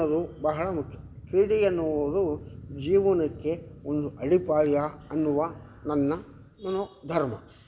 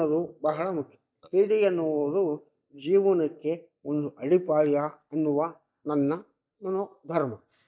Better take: first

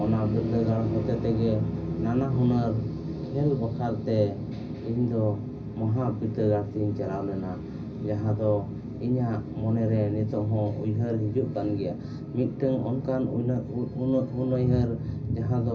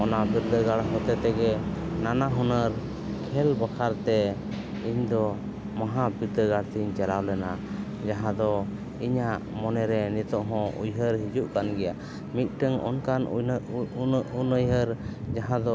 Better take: second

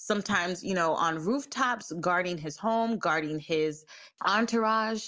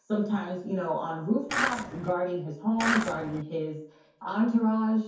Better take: first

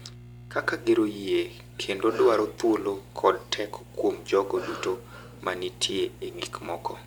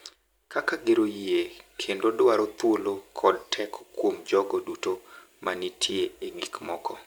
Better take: second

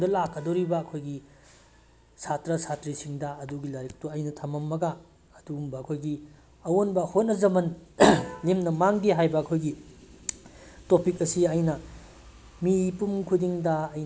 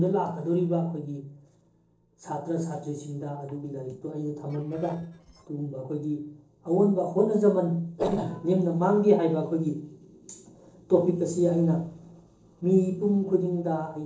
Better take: first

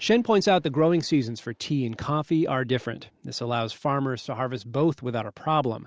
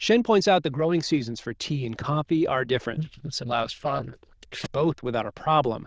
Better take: first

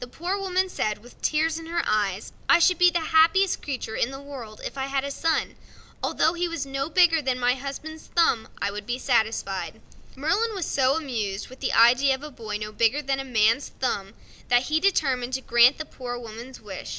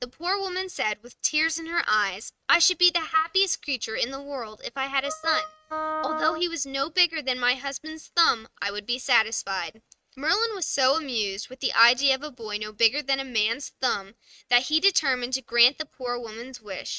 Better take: first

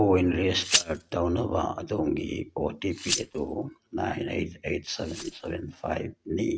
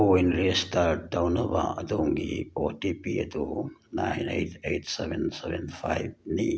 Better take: second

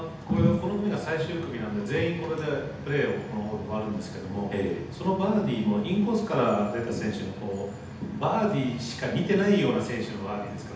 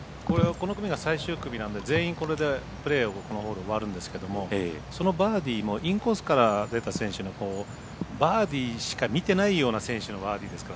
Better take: second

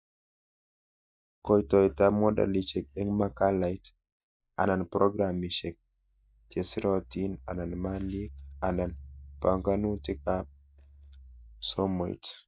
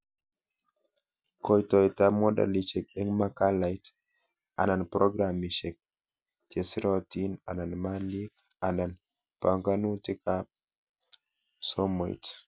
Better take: second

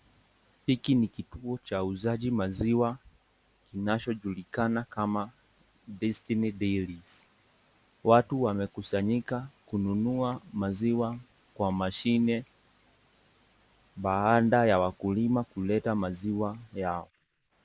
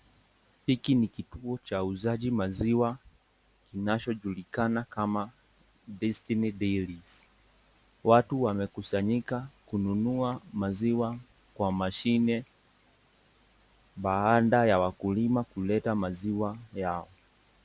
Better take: second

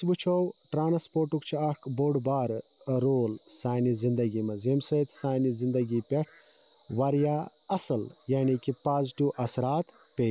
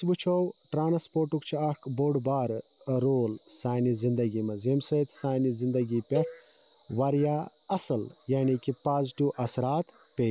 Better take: first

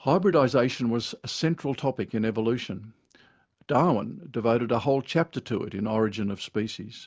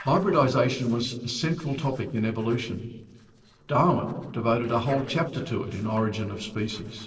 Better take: first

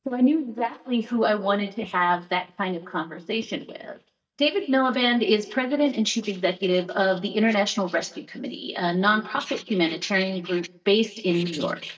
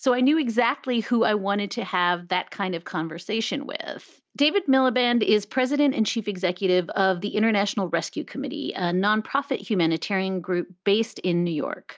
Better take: second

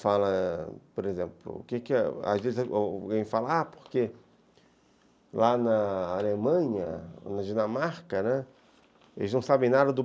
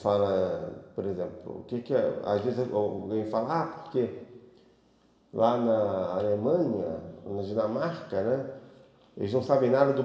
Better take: first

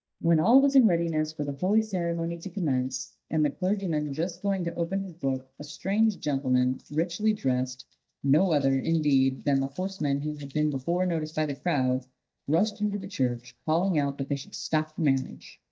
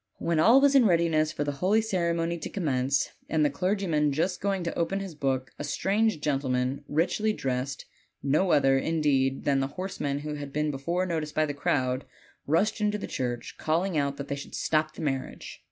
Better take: second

